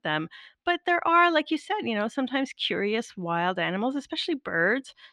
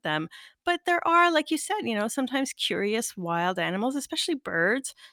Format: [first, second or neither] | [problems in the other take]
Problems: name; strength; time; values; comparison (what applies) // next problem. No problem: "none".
second | muffled; very slightly; fading above 3 kHz